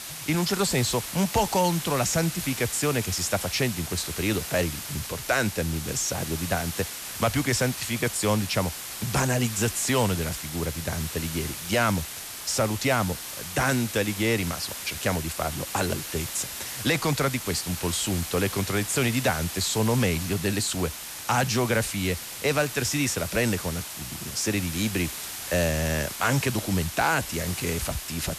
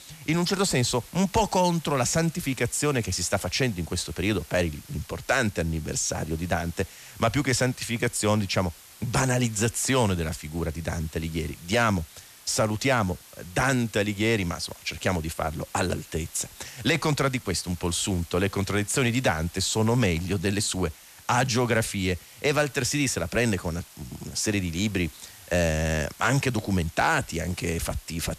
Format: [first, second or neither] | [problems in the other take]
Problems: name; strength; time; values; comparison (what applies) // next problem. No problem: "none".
second | hiss; loud; throughout; 7 dB below the speech; faint in the second